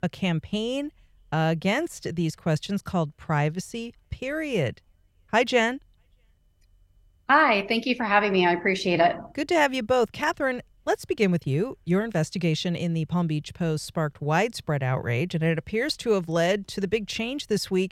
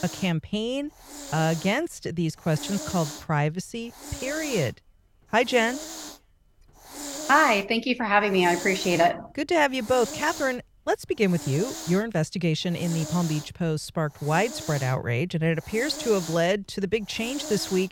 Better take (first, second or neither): first